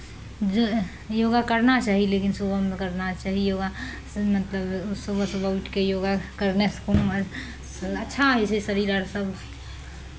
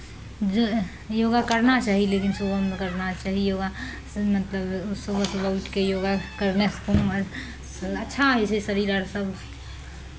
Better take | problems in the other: first | background sound (Squeak); 16 dB below the speech

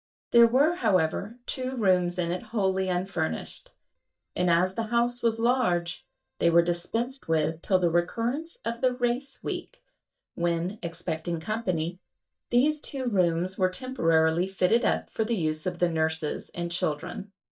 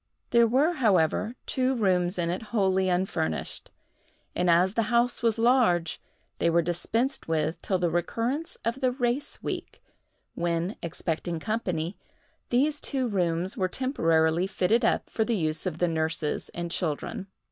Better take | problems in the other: second | noise reduction (neural mask model DeepFilterNet 3)

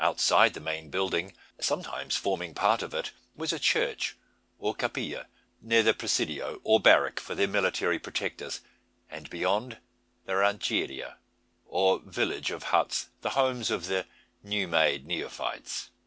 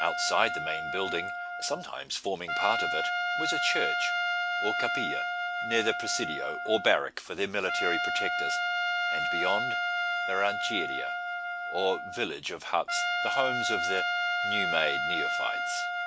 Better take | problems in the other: first | background sound (Trumpet); 2 dB above the speech

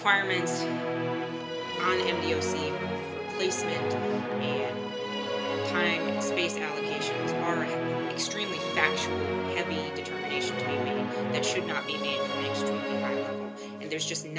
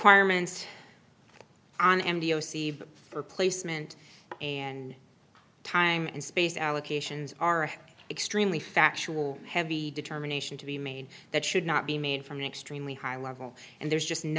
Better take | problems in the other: second | background sound (Musical instrument); 3 dB above the speech // room echo; dies away in 0.2 s

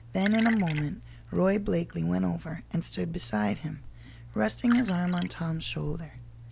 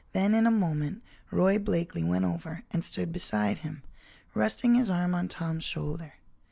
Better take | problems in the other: second | background sound (Liquid); 14 dB below the speech

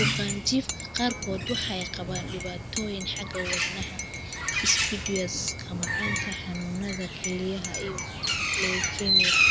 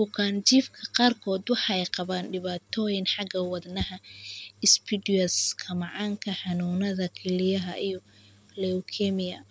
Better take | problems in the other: second | background sound (Cutlery, silverware / Dishes, pots, and pans / Chink, clink + Bird); 4 dB above the speech

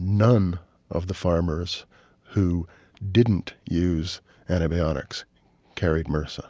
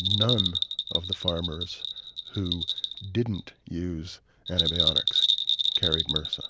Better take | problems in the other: first | background sound (Bell); 4 dB above the speech

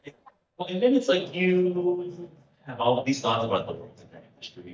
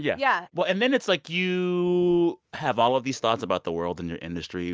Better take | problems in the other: second | noise reduction (neural mask model DeepFilterNet 3)

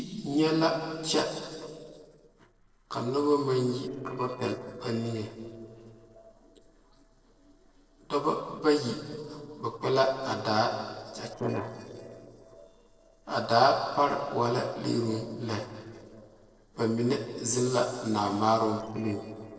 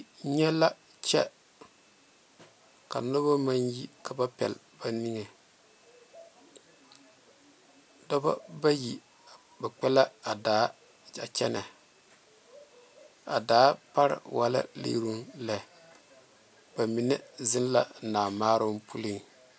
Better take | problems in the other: second | noise reduction (neural separator model SepFormer DNS4)

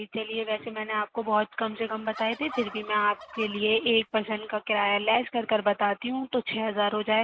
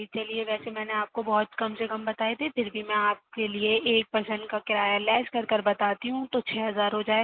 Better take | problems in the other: second | background sound (Fowl); 16 dB below the speech

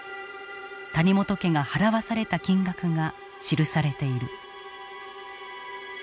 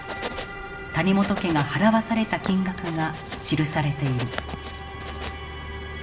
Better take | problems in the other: first | background sound (Writing); 10 dB below the speech // room echo; dies away in 0.6 s

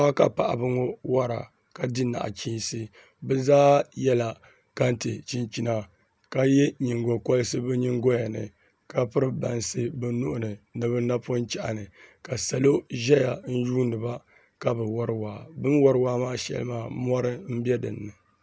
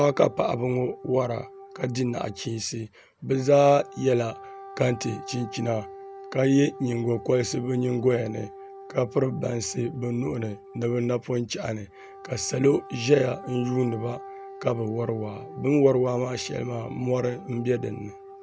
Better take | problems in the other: first | background sound (Wind instrument, woodwind instrument); 17 dB below the speech

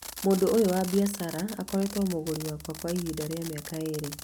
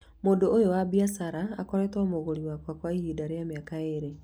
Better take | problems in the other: second | background sound (Fireworks); 13 dB below the speech

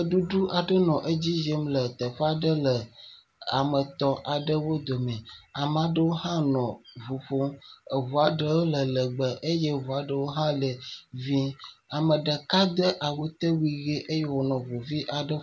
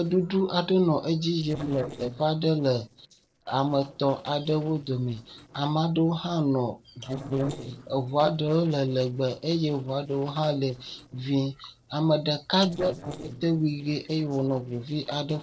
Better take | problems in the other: first | noise reduction (neural separator model SepFormer DNS4)

